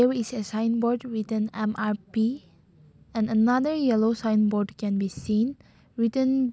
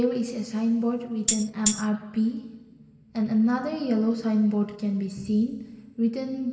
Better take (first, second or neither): first